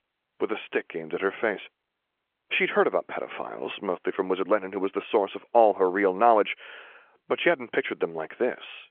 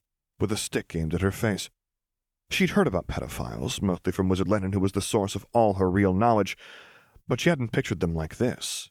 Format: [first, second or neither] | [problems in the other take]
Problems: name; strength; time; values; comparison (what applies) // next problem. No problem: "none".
second | phone-call audio; nothing above 3.5 kHz